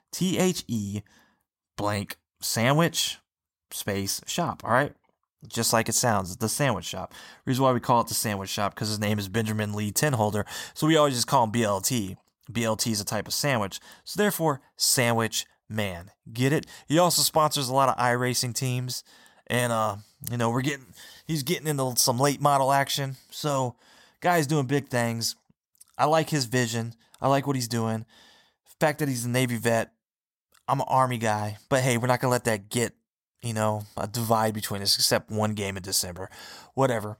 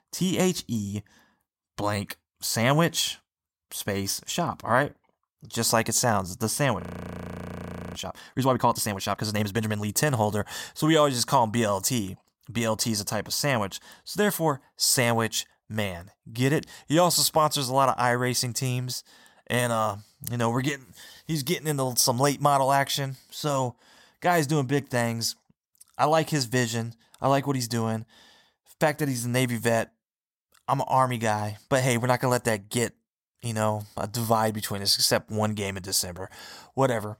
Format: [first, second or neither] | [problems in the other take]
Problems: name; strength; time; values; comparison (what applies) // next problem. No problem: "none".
first | audio freezing; at 7 s for 1 s